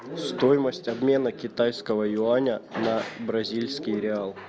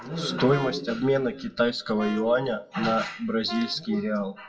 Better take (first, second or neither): first